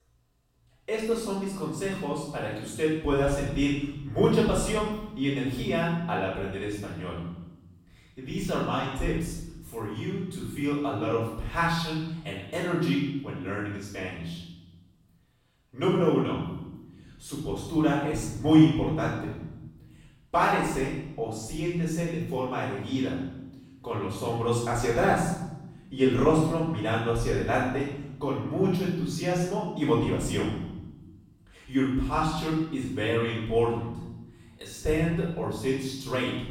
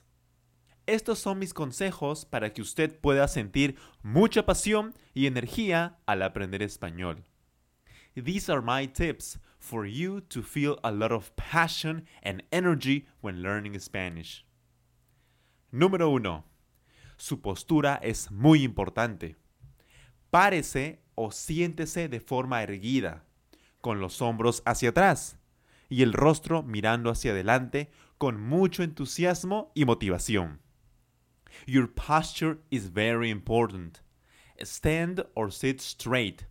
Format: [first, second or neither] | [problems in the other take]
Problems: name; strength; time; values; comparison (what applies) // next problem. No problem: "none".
second | off-mic speech; far // room echo; noticeable; dies away in 1 s